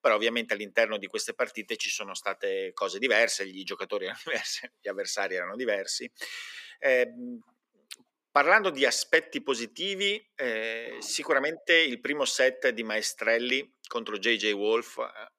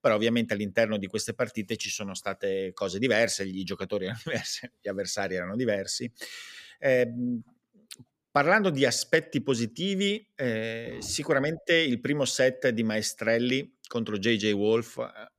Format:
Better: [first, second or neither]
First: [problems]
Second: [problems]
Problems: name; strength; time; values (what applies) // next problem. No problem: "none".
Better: second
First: thin; somewhat; fading below 300 Hz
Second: none